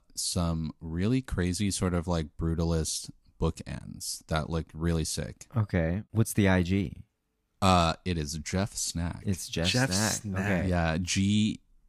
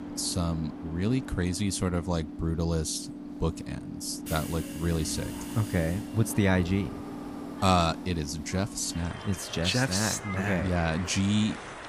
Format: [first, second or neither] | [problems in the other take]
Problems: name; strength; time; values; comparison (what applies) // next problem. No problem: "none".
first | train or aircraft noise; noticeable; throughout; 10 dB below the speech